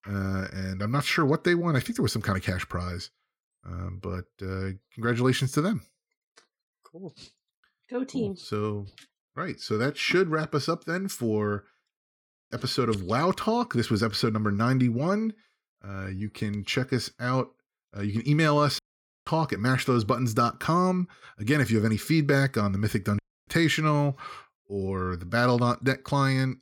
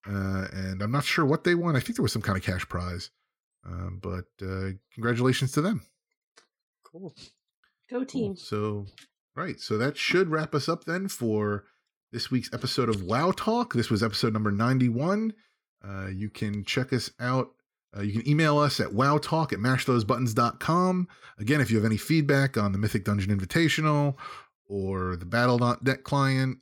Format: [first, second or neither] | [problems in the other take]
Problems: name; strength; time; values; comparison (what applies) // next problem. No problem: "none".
second | audio cutting out; at 12 s for 0.5 s, at 19 s and at 23 s